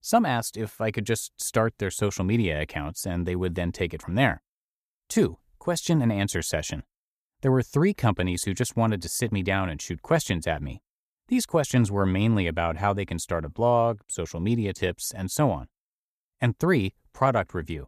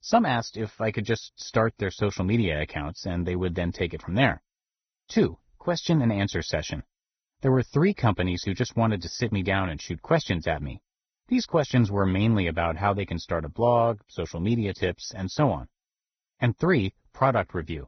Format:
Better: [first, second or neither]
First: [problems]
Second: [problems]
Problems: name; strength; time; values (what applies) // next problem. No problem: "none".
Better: first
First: none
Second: garbled, watery; badly; nothing above 6 kHz